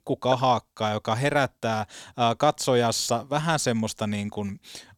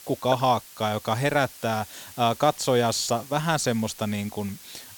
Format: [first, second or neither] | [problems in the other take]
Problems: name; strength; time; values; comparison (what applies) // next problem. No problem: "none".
first | hiss; noticeable; throughout; 20 dB below the speech